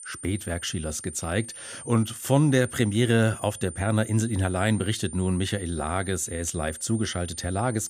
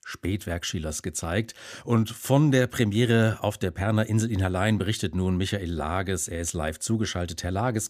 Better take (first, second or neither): second